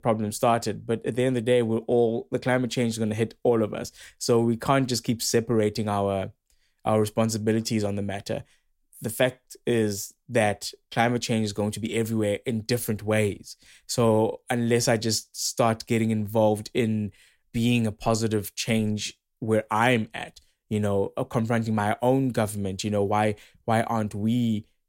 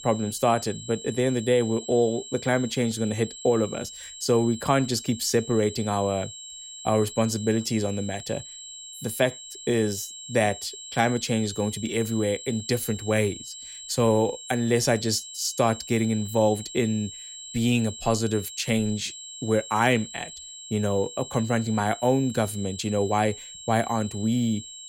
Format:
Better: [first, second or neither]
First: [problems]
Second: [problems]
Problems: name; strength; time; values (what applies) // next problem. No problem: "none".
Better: first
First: none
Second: high-pitched whine; noticeable; throughout; 7.5 kHz, 10 dB below the speech